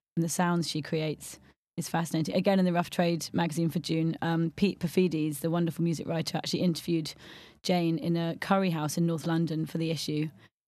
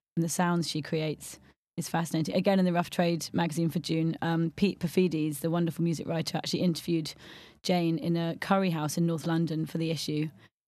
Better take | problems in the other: neither | none

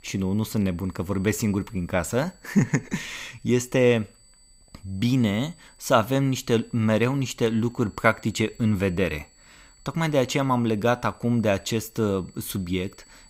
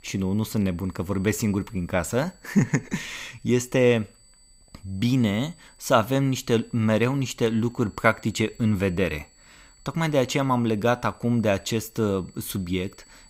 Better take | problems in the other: neither | high-pitched whine; faint; throughout; 8 kHz, 30 dB below the speech; the same in both

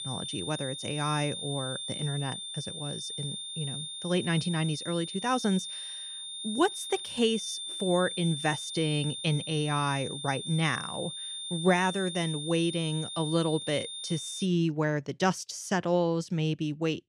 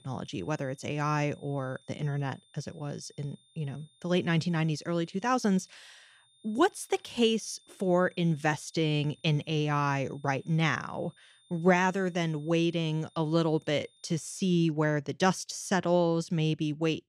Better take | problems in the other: second | high-pitched whine; loud; until 14 s; 3.5 kHz, 6 dB below the speech; faint in the second

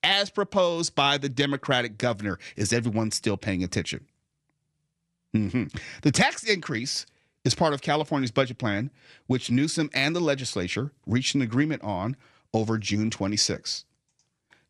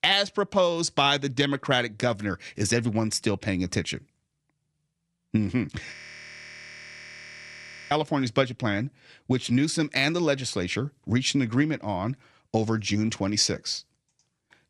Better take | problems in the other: first | audio freezing; at 6 s for 2 s

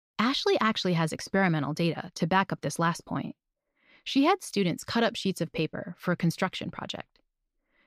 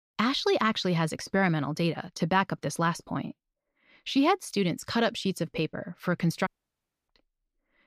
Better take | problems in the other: first | audio cutting out; at 6.5 s for 0.5 s

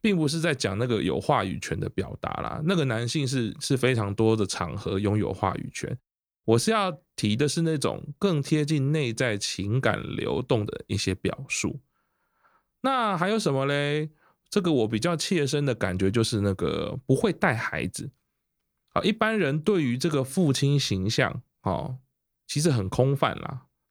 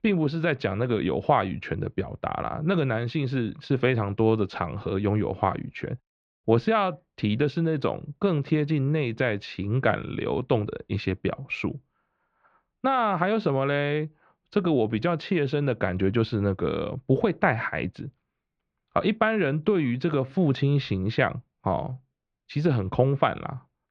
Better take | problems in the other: first | muffled; very; fading above 3 kHz

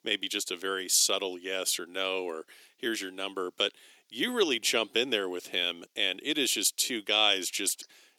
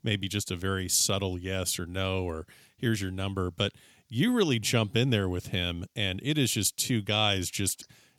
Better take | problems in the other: second | thin; somewhat; fading below 350 Hz

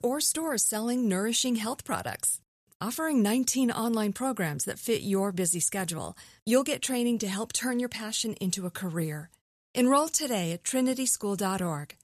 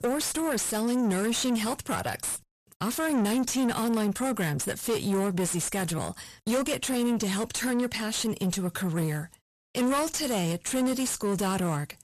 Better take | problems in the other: first | distortion; heavy; 7 dB below the speech

